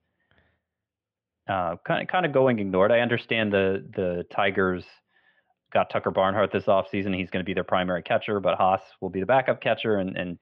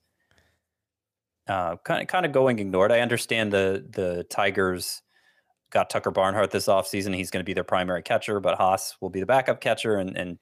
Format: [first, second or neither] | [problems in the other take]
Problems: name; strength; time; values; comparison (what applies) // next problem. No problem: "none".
second | muffled; very; fading above 3 kHz